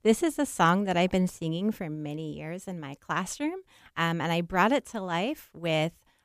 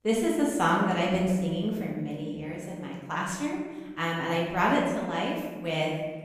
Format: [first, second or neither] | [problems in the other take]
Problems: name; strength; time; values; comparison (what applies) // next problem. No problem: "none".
first | room echo; noticeable; dies away in 1.2 s // off-mic speech; far